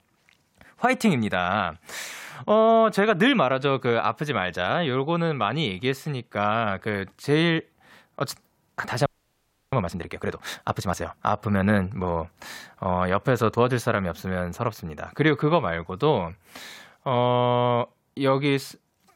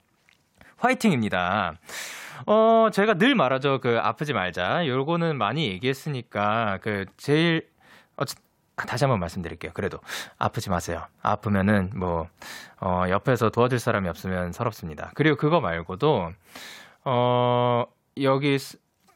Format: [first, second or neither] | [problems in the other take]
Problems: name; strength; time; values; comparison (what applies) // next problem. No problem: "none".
second | audio freezing; at 9 s for 0.5 s